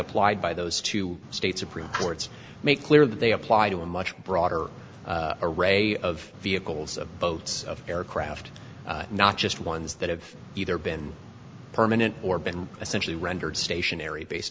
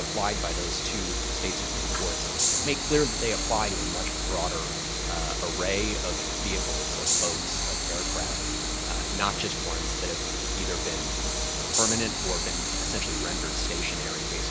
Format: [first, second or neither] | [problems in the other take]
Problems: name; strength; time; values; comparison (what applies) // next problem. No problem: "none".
first | background sound (Train); 5 dB above the speech